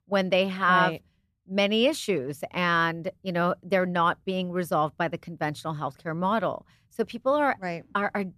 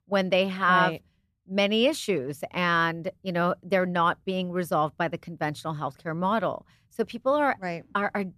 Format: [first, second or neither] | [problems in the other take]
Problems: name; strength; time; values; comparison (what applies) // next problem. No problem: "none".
neither | none